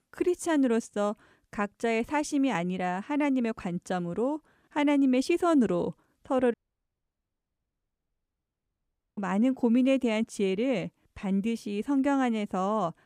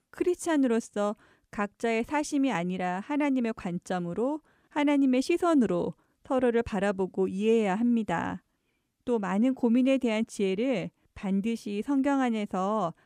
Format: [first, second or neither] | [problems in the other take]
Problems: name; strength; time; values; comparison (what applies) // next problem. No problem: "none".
second | audio cutting out; at 6.5 s for 2.5 s